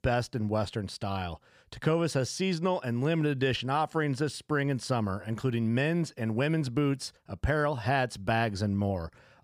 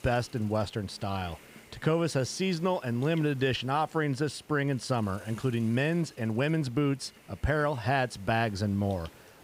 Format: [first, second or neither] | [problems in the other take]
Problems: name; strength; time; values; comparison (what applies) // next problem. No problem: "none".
first | hiss; faint; throughout; 25 dB below the speech